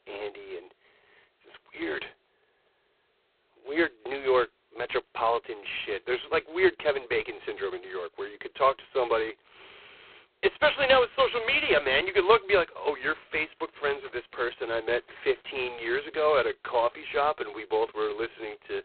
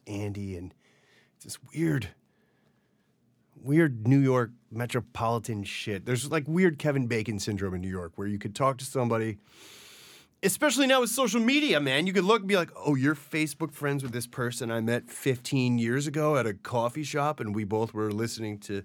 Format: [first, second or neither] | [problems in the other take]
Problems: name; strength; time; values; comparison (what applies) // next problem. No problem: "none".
second | phone-call audio; poor line; nothing above 4 kHz